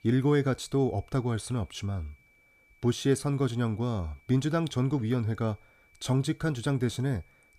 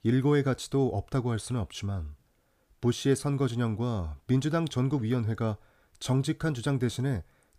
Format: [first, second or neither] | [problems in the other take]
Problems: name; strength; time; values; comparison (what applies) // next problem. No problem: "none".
second | high-pitched whine; faint; throughout; 2.5 kHz, 30 dB below the speech